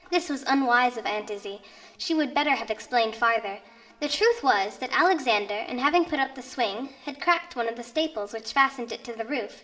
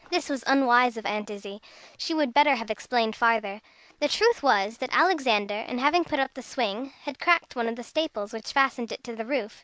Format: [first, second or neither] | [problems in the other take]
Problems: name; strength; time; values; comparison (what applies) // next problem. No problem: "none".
second | room echo; dies away in 2.4 s